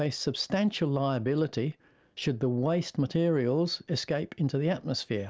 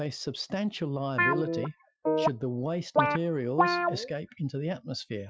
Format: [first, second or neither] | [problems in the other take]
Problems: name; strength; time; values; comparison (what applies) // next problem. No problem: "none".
first | noise reduction (classical method Wiener filter)